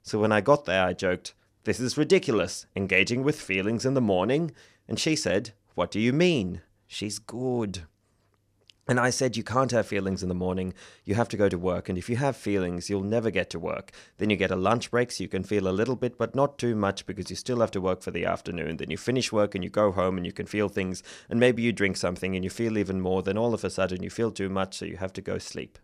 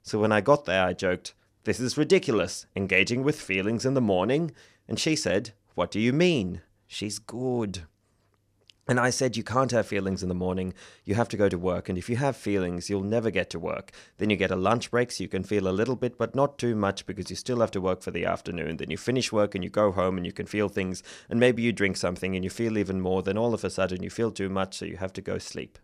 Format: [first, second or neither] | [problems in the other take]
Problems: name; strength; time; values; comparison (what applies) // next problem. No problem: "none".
neither | none